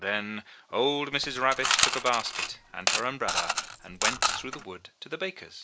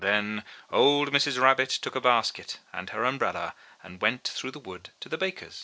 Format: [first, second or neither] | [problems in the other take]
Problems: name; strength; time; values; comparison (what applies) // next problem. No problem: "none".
second | background sound (Coin (dropping) / Mechanisms); 2 dB above the speech